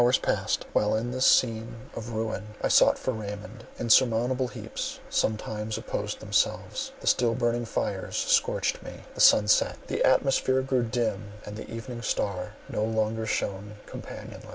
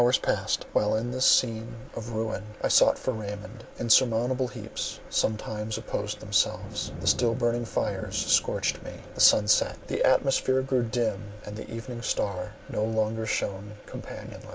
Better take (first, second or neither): first